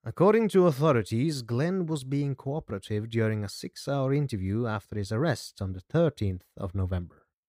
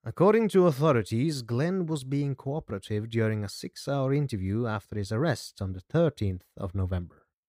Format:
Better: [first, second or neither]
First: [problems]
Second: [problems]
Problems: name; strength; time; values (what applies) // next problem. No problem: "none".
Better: neither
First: none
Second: none